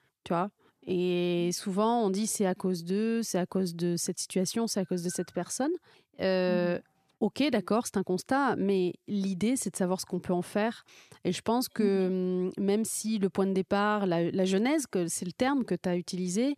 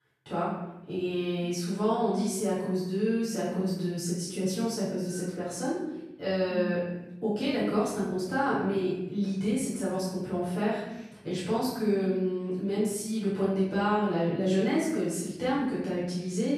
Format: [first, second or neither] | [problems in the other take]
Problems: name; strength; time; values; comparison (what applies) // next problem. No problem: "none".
first | off-mic speech; far // room echo; strong; dies away in 1 s